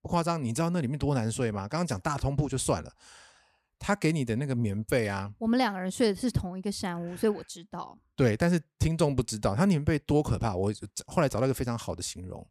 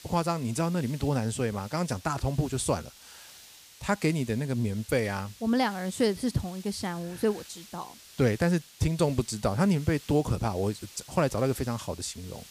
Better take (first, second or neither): first